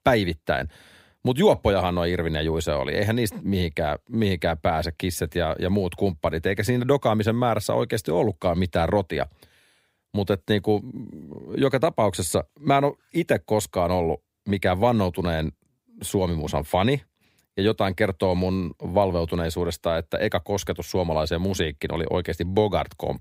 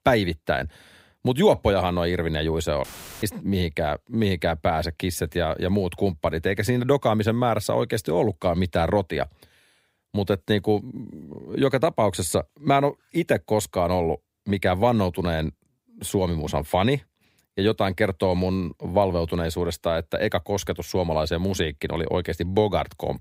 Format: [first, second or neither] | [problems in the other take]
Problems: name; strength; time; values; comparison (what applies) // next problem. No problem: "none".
first | audio cutting out; filled with static; at 3 s